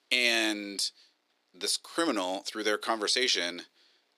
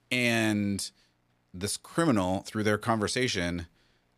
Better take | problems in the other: second | thin; somewhat; fading below 350 Hz

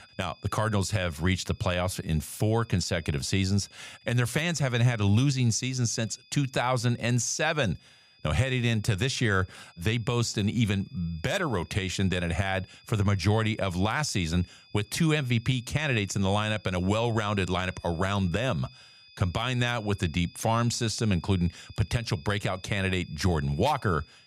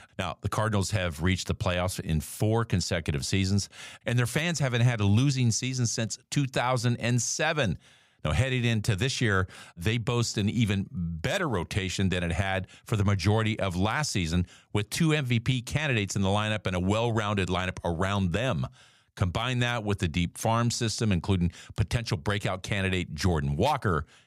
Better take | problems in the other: second | high-pitched whine; faint; throughout; 5 kHz, 25 dB below the speech

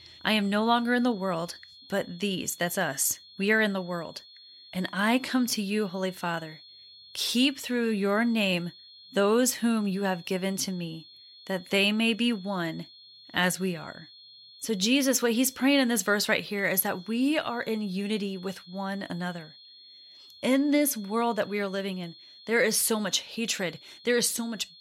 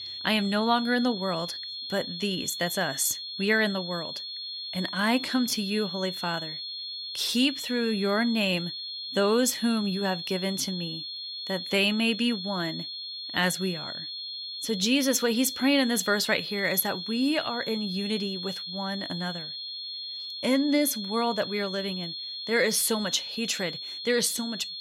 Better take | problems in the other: first | high-pitched whine; loud; throughout; 4.5 kHz, 7 dB below the speech; faint in the first

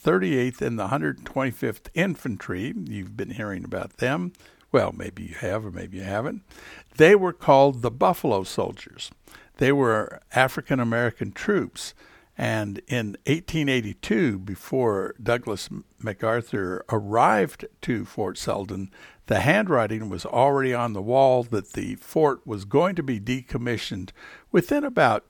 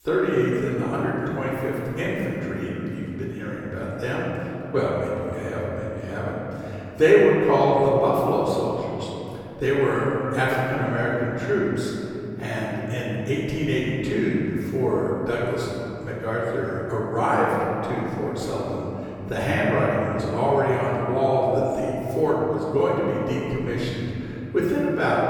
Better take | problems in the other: first | room echo; strong; dies away in 3 s // off-mic speech; far

